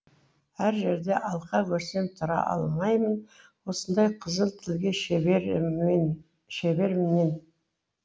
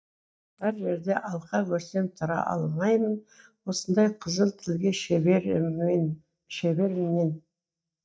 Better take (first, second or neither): first